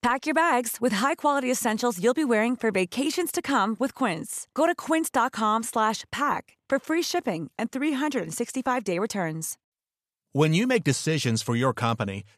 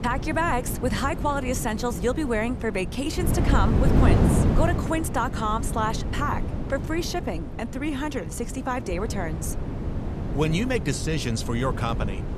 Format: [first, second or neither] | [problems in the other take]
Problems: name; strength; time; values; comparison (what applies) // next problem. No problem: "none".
first | wind noise on the microphone; heavy; 7 dB below the speech